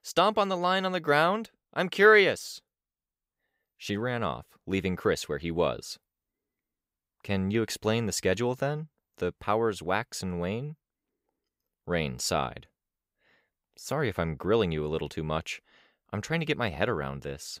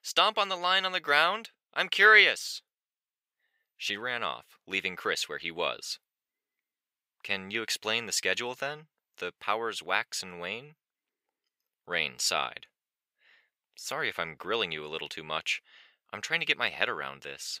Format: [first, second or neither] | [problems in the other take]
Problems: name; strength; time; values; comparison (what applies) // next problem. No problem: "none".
first | thin; somewhat; fading below 1 kHz